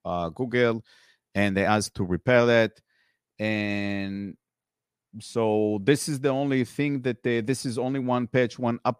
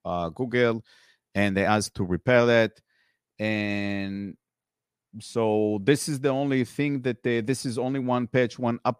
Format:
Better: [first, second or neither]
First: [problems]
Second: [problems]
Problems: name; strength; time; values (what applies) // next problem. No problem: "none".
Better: neither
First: none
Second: none